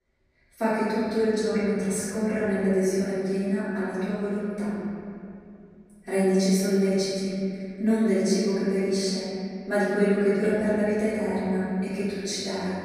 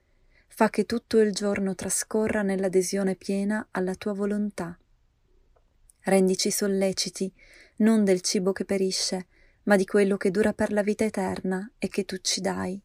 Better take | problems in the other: second | off-mic speech; far // room echo; strong; dies away in 2.5 s

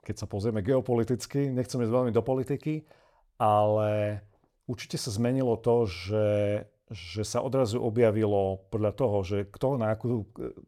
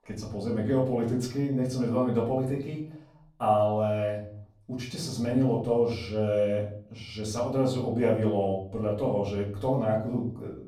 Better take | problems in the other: first | room echo; slight; dies away in 0.5 s // off-mic speech; far

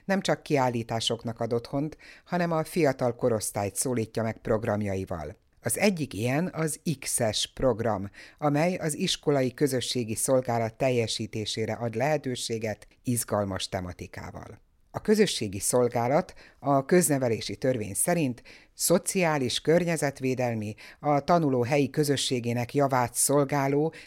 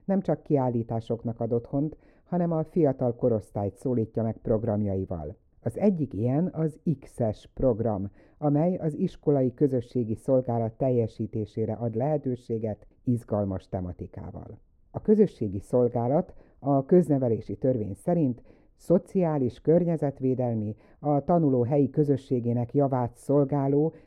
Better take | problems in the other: first | muffled; very; fading above 1.5 kHz

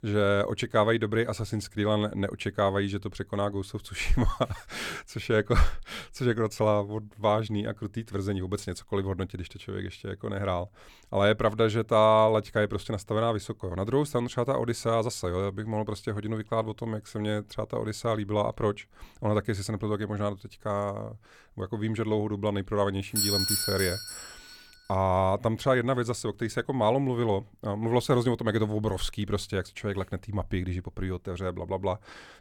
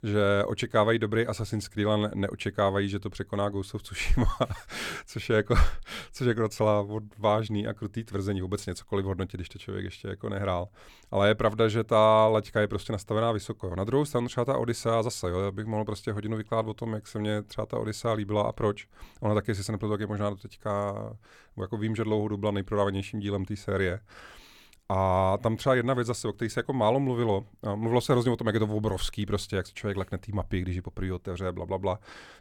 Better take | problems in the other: second | doorbell; loud; from 23 to 24 s; peak 5 dB above the speech

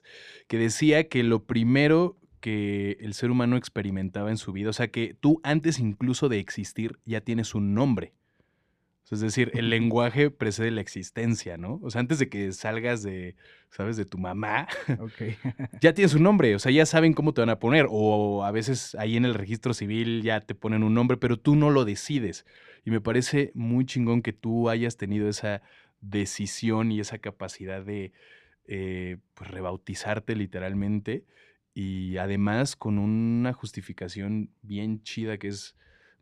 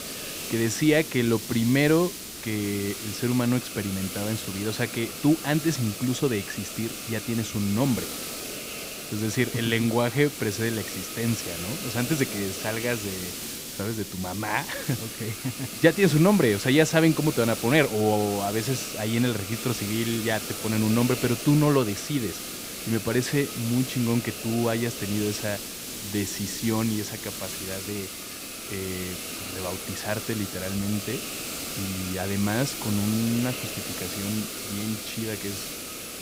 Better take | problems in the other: first | hiss; loud; throughout; 6 dB below the speech

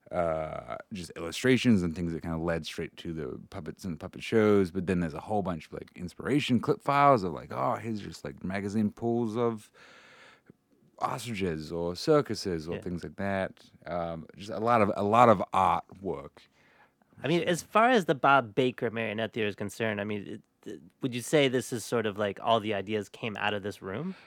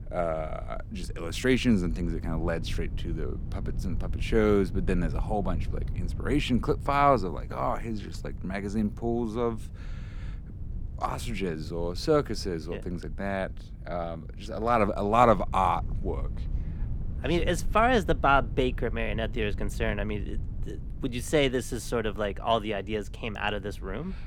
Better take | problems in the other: first | low rumble; faint; throughout; 25 dB below the speech

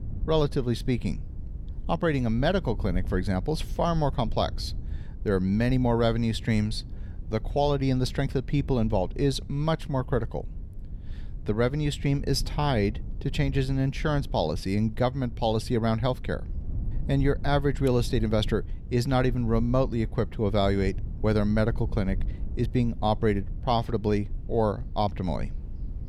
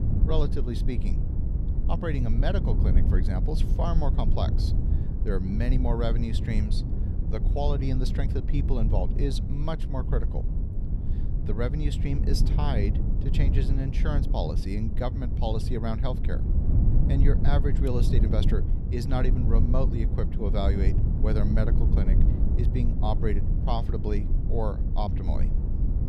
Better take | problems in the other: first | low rumble; loud; throughout; 6 dB below the speech; faint in the first

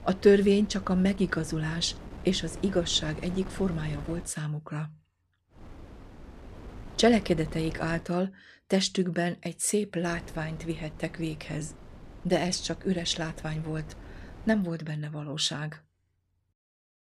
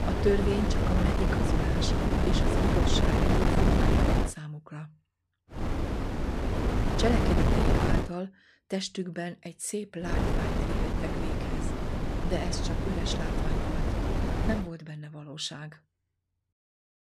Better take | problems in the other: first | wind noise on the microphone; heavy; until 4.5 s, from 5.5 to 8 s and from 10 to 15 s; 4 dB above the speech; occasional gusts in the first

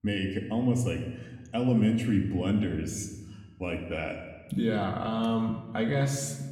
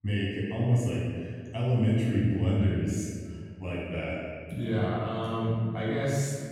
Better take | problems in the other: first | room echo; strong; dies away in 2 s; slight in the first // off-mic speech; far; somewhat distant in the first

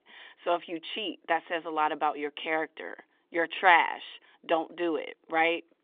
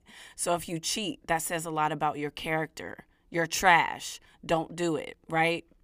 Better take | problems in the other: second | phone-call audio

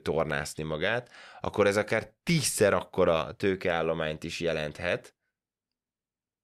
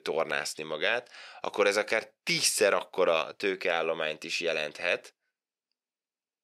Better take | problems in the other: first | thin; somewhat; fading below 350 Hz

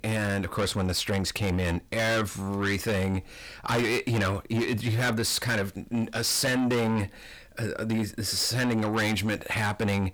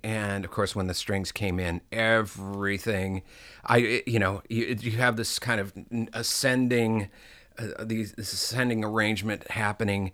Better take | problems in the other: second | distortion; heavy; 6 dB below the speech

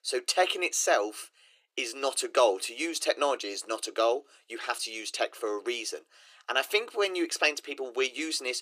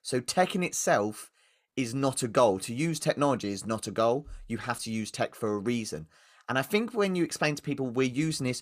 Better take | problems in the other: second | thin; very; fading below 350 Hz

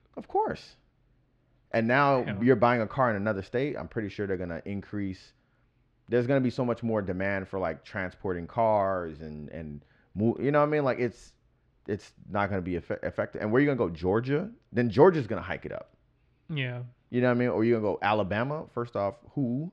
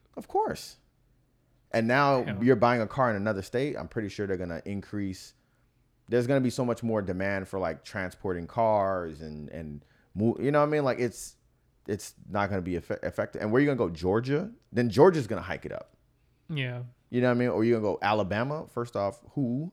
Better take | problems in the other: second | muffled; very slightly; fading above 3 kHz

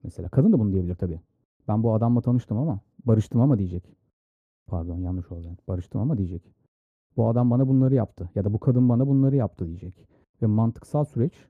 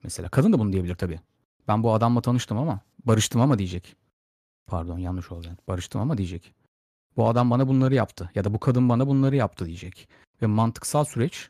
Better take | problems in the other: second | muffled; very; fading above 1 kHz

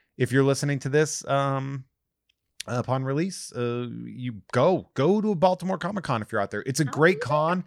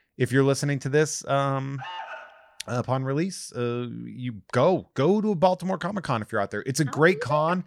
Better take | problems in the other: first | alarm; faint; at 2 s; peak 10 dB below the speech

